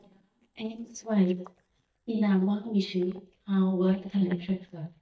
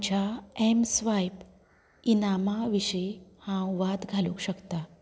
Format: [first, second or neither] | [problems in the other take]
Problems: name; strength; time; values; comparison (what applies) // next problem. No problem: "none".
second | noise reduction (neural mask model DeepFilterNet 3)